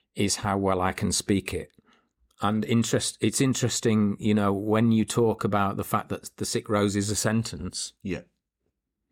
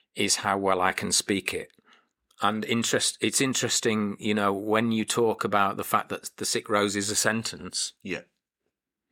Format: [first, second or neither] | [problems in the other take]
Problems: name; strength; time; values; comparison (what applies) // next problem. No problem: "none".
first | thin; very slightly; fading below 900 Hz